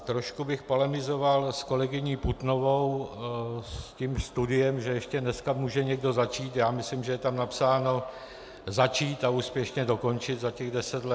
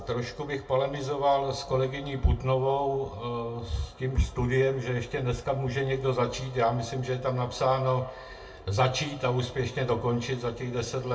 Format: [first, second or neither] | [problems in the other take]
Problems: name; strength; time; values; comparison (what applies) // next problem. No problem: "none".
first | room echo; dies away in 0.2 s